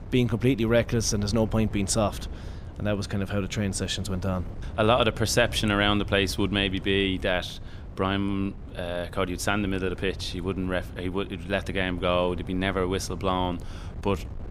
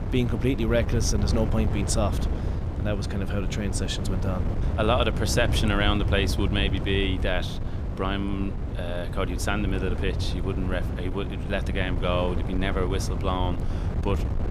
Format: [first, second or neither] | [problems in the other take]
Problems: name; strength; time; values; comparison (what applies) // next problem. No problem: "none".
first | wind noise on the microphone; heavy; 9 dB below the speech; occasional gusts in the first